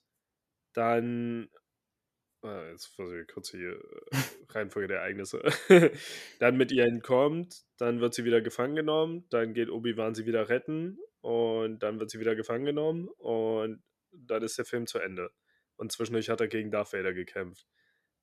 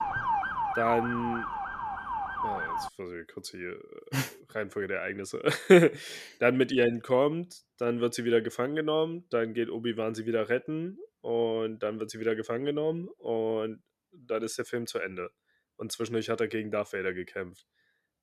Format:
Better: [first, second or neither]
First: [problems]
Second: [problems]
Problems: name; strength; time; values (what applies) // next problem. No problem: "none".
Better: first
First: none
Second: siren; loud; until 3 s; peak level with the speech